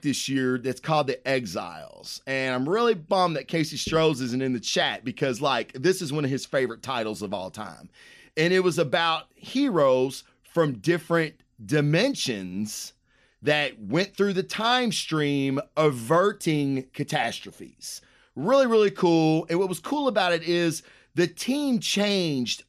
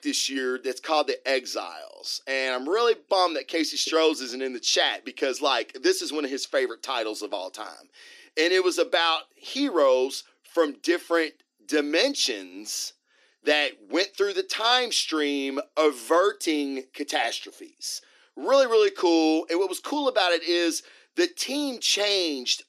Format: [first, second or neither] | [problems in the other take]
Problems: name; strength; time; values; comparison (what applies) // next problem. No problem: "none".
first | thin; very slightly; fading below 300 Hz